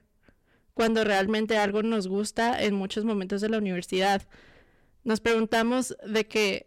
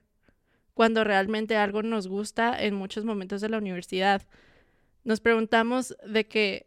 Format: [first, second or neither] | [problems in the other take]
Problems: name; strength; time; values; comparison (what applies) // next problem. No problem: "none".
second | distortion; heavy; 8 dB below the speech